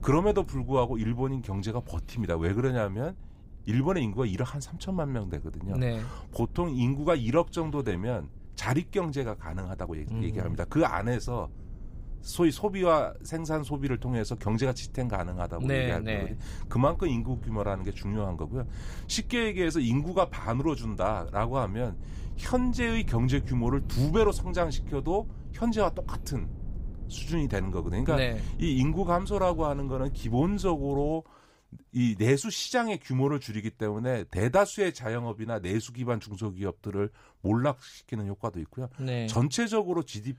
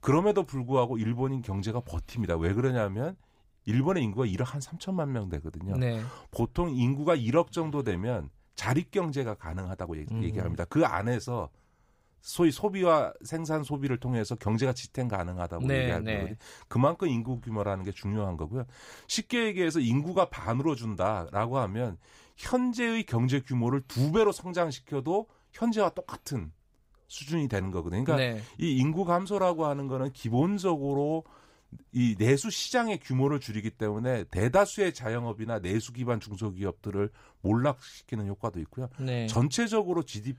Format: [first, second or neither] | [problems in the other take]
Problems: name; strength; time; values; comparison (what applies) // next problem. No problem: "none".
second | low rumble; faint; until 31 s; 25 dB below the speech